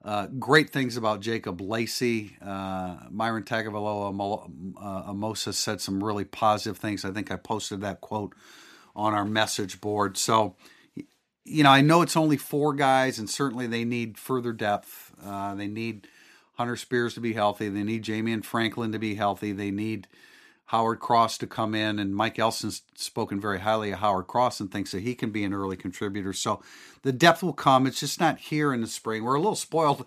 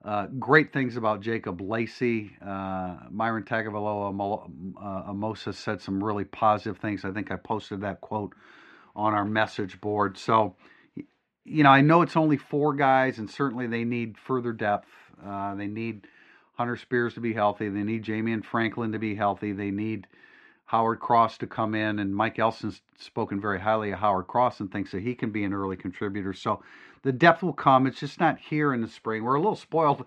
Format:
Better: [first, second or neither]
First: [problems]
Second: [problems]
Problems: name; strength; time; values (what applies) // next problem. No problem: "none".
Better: first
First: none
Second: muffled; slightly; fading above 2 kHz